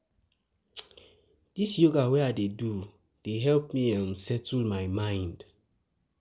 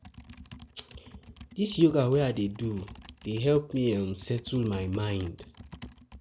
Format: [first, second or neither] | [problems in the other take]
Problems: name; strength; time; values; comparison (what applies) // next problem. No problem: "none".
first | background sound (Computer keyboard); 18 dB below the speech